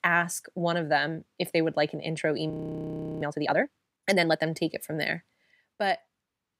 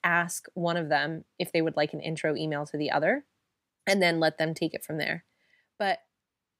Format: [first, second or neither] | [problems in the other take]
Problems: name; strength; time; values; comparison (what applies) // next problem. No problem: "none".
second | audio freezing; at 2.5 s for 0.5 s